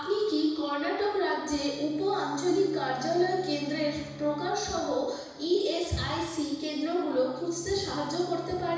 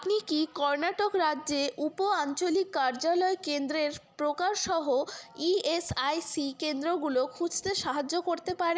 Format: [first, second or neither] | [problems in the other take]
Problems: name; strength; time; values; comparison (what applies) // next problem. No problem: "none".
second | background sound (Bowed string instrument); 18 dB below the speech // room echo; dies away in 1.1 s